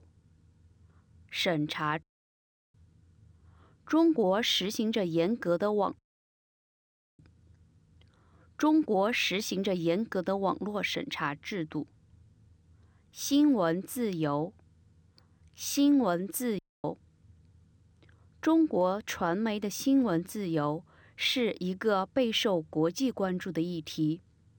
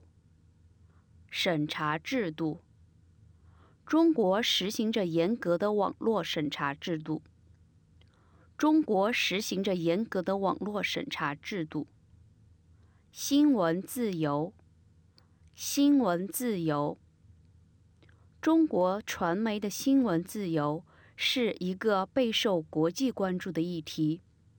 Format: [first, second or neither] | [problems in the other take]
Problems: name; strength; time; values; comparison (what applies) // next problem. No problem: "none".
second | audio cutting out; at 2 s for 0.5 s, at 6 s for 1 s and at 17 s